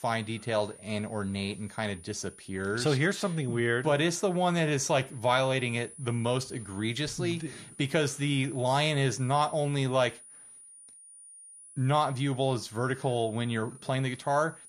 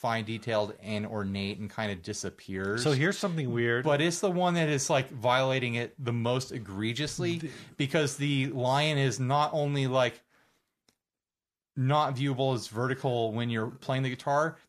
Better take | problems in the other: second | high-pitched whine; noticeable; throughout; 9.5 kHz, 20 dB below the speech

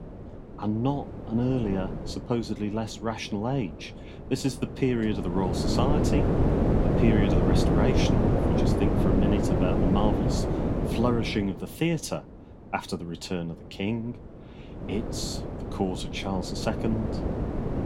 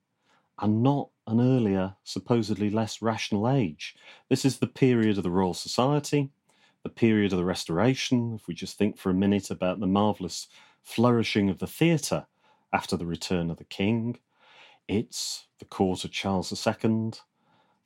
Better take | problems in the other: second | wind noise on the microphone; heavy; 1 dB above the speech

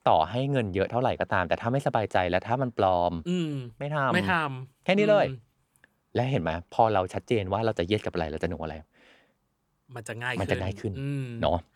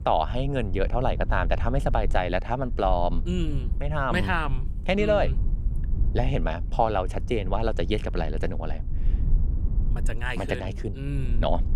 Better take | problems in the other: first | low rumble; faint; throughout; 20 dB below the speech

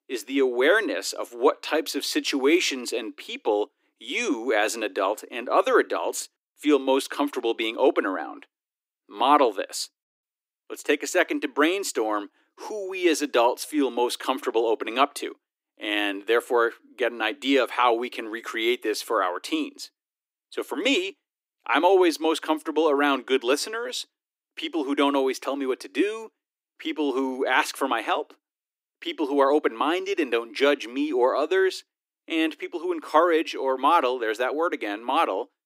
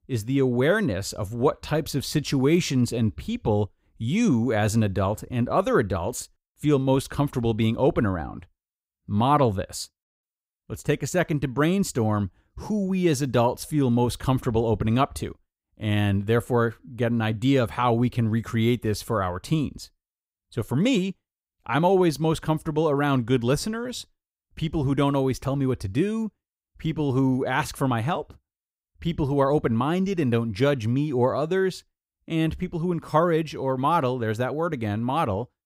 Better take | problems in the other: second | thin; somewhat; fading below 300 Hz

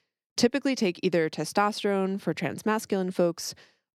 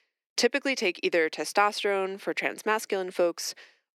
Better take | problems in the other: first | thin; somewhat; fading below 350 Hz

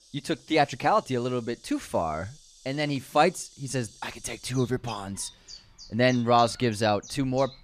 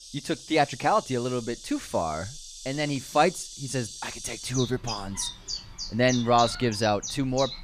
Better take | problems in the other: first | animal sounds; loud; throughout; 10 dB below the speech; faint in the first

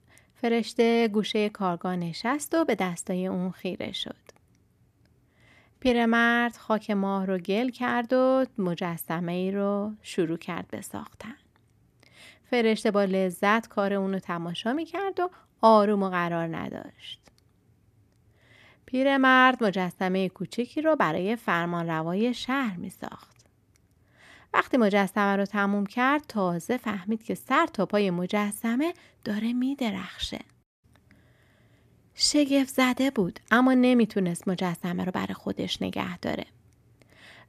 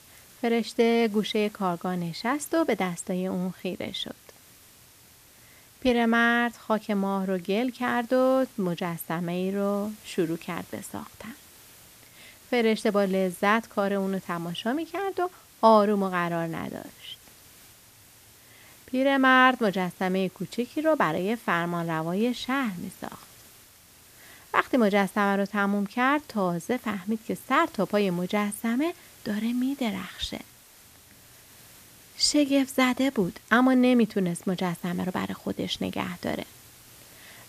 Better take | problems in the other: first | hiss; faint; throughout; 25 dB below the speech

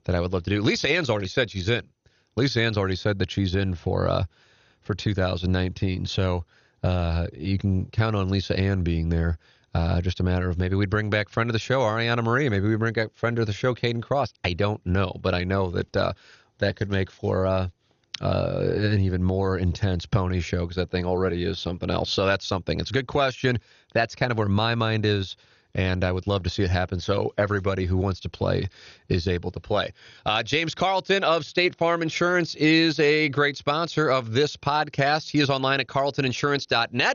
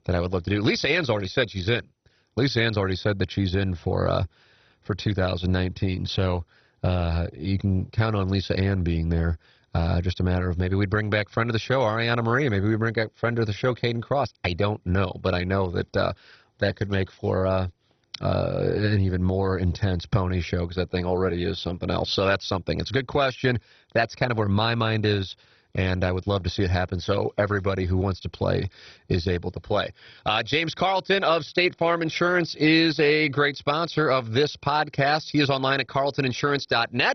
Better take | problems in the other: first | garbled, watery; badly; nothing above 6 kHz; slightly in the first

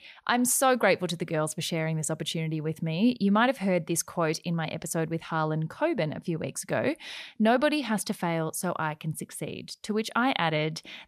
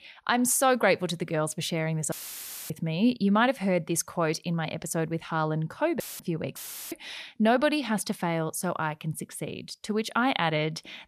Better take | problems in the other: first | audio cutting out; filled with static; at 2 s for 0.5 s, at 6 s and at 6.5 s

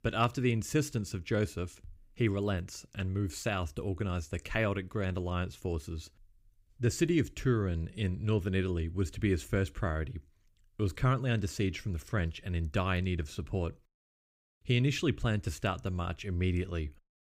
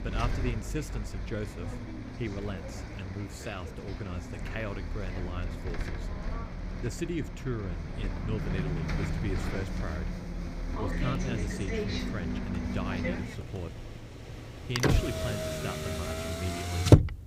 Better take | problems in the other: first | traffic noise; very loud; throughout; 4 dB above the speech

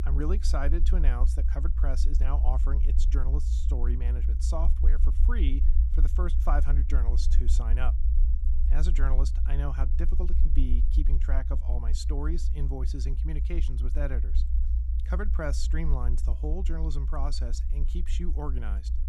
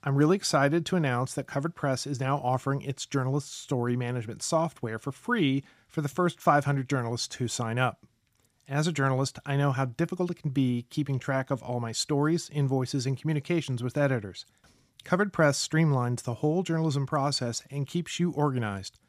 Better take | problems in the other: second | low rumble; loud; throughout; 9 dB below the speech

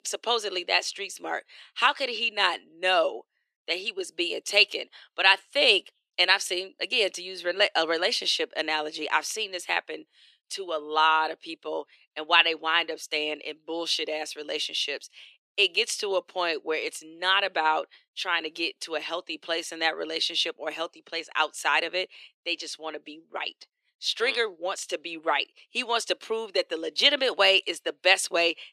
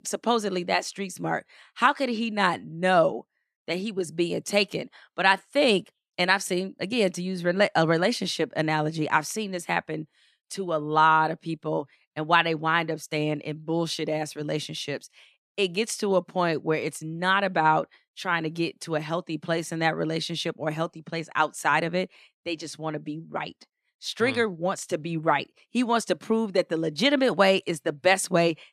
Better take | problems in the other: second | thin; very; fading below 400 Hz

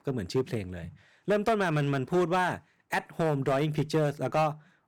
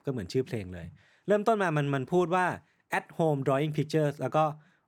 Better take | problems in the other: second | distortion; slight; 6% of the sound clipped

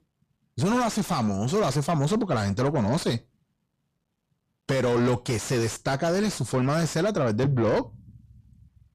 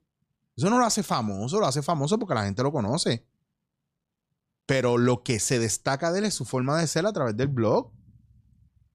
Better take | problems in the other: second | distortion; heavy; 6 dB below the speech

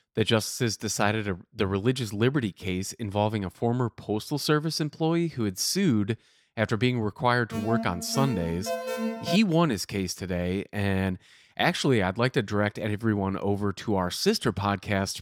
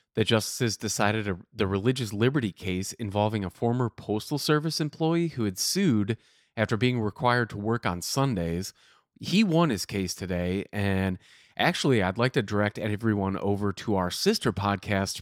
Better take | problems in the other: second | alarm; noticeable; from 7.5 to 9.5 s; peak 4 dB below the speech

